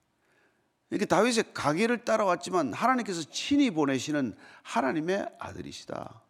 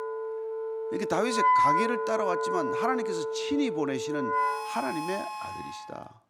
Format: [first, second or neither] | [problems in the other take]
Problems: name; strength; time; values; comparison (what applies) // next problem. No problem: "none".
first | background music; very loud; throughout; 3 dB above the speech